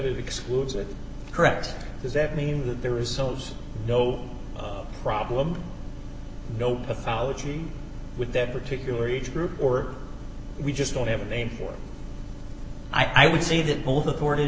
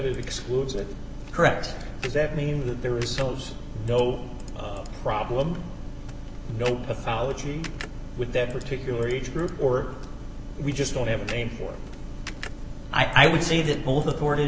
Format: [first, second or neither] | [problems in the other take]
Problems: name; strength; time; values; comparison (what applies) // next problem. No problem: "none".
first | background sound (Computer keyboard); 20 dB below the speech